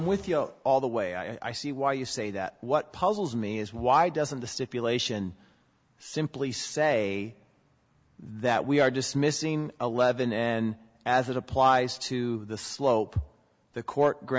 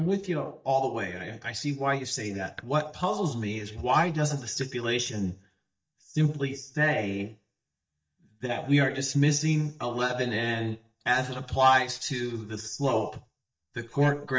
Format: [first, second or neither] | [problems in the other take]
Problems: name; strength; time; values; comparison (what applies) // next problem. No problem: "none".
first | noise reduction (neural mask model DeepFilterNet 3)